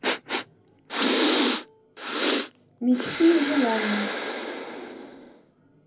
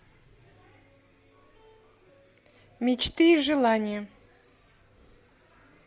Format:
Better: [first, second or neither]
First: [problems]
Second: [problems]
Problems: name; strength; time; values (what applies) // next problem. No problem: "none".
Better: second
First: background sound (Breathing); as loud as the speech // room echo; dies away in 0.3 s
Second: none